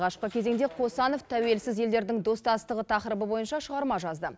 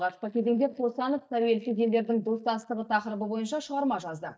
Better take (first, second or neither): first